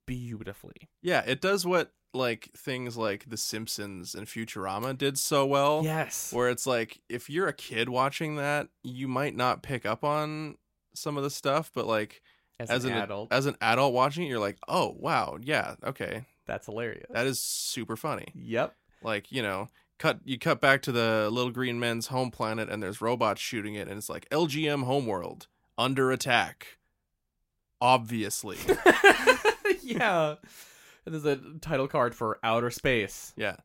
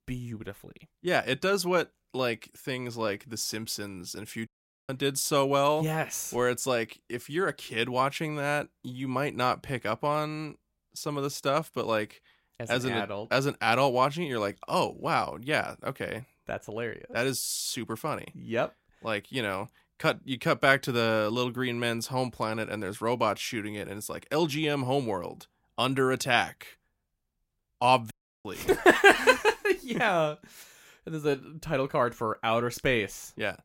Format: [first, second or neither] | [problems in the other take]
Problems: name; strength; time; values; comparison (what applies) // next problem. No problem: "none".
first | audio cutting out; at 4.5 s and at 28 s